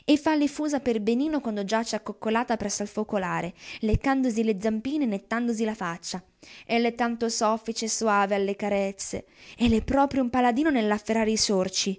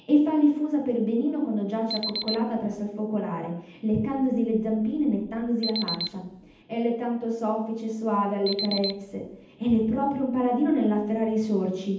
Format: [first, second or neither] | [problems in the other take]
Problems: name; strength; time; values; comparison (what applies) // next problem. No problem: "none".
first | background sound (Alarm); 8 dB below the speech // room echo; dies away in 0.8 s